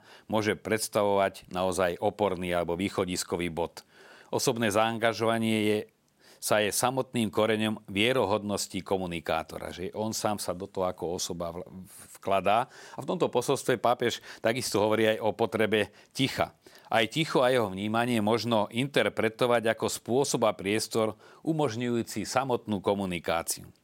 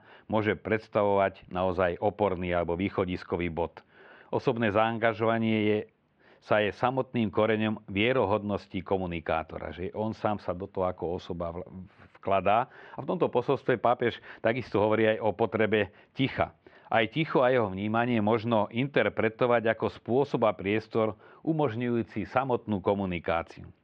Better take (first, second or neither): first